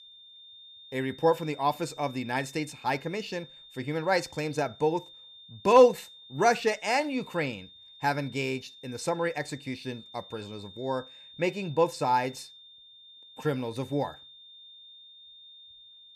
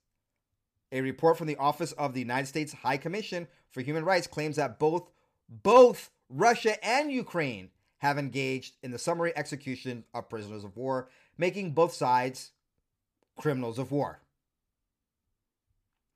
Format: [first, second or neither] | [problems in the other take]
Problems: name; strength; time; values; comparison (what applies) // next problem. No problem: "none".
second | high-pitched whine; faint; throughout; 3.5 kHz, 20 dB below the speech